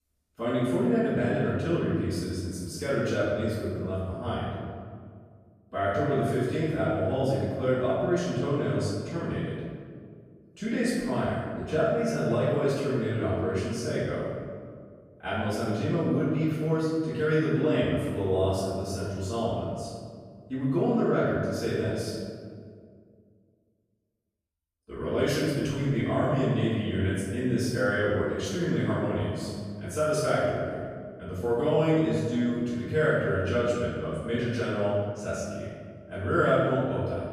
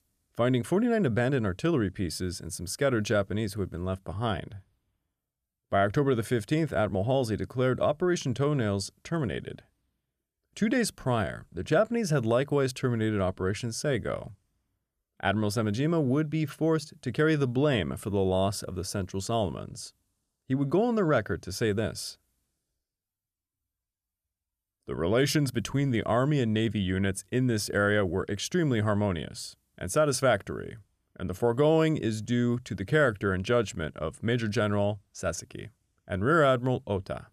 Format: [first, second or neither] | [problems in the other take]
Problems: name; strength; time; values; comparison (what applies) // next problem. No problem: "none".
second | room echo; strong; dies away in 1.8 s // off-mic speech; far